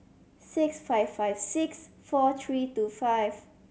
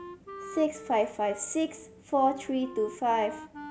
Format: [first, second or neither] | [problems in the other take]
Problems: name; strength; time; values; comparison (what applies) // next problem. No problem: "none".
first | background sound (Wind instrument, woodwind instrument); 16 dB below the speech